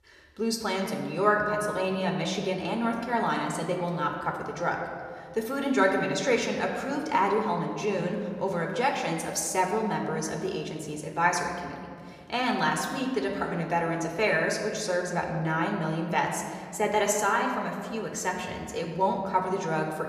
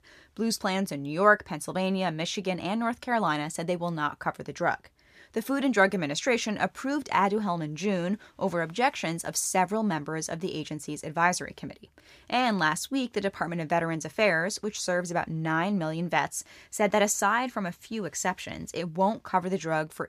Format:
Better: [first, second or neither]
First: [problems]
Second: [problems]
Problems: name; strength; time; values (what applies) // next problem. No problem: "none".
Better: second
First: room echo; slight; dies away in 1.8 s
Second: none